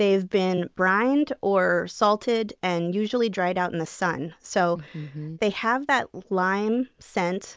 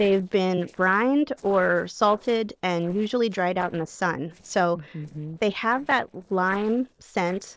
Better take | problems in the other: first | noise reduction (neural separator model SepFormer DNS4)

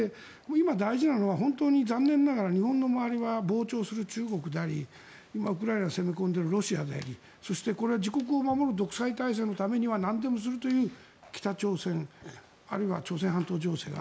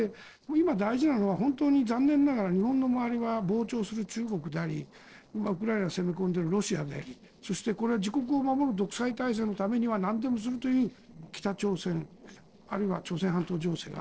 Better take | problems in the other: first | noise reduction (neural separator model SepFormer DNS4)

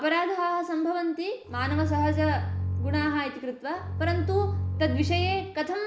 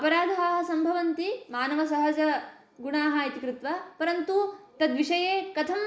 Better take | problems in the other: second | background sound (Bowed string instrument); 1 dB below the speech

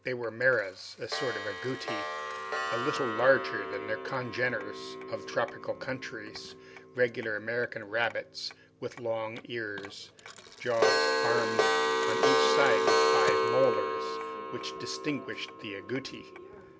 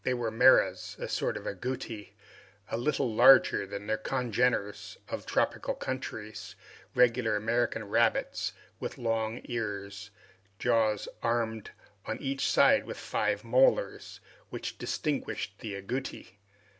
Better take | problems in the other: second | background sound (Clock); 1 dB above the speech

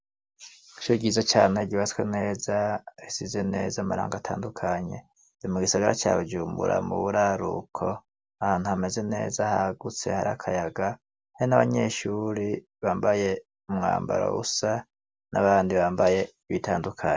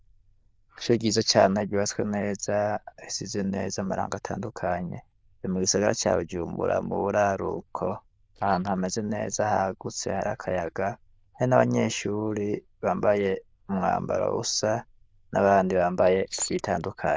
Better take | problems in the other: first | noise reduction (neural diffusion model UNIVERSE++)

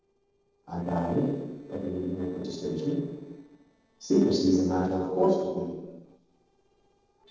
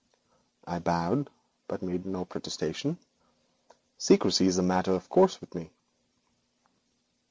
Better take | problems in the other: second | noise reduction (neural separator model SepFormer DNS4)

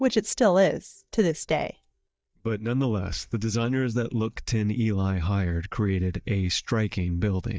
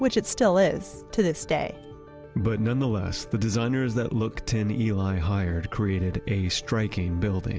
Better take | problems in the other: second | noise reduction (neural mask model DeepFilterNet 3)

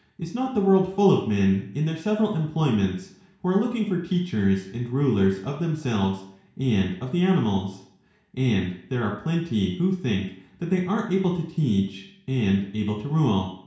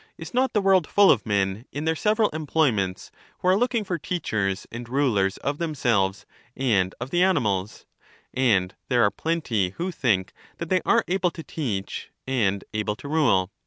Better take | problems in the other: second | room echo; dies away in 0.6 s

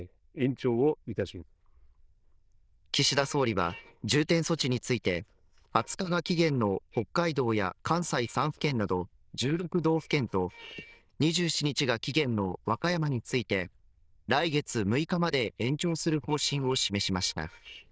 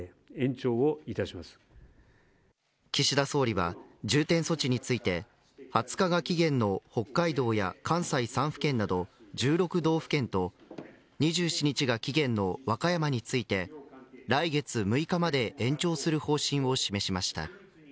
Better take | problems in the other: second | noise reduction (neural diffusion model UNIVERSE++)

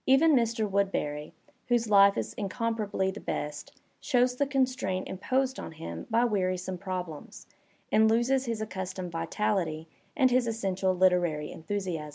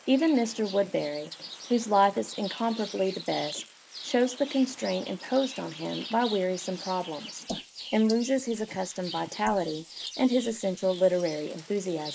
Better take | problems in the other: first | noise reduction (neural mask model Resemble Enhance denoiser)

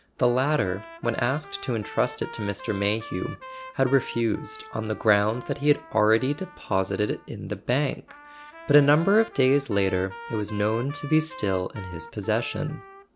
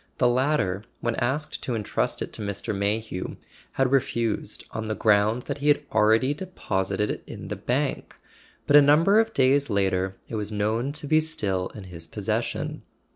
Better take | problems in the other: second | background sound (Trumpet); 17 dB below the speech

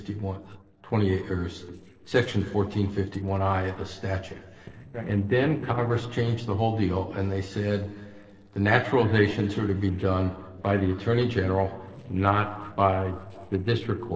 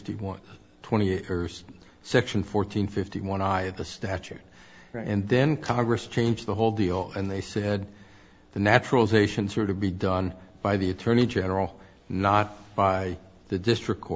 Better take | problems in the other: second | noise reduction (neural separator model SepFormer DNS4)

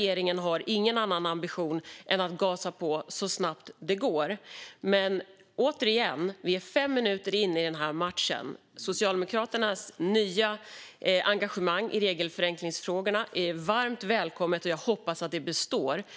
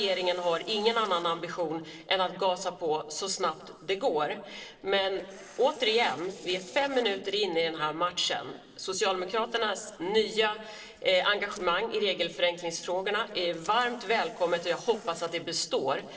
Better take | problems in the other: first | noise reduction (neural separator model SepFormer DNS4)

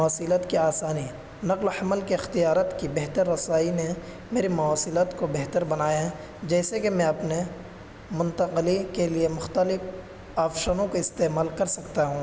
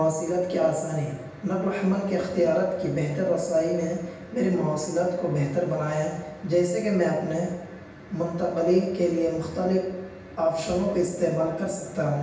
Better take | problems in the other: first | room echo; dies away in 0.9 s

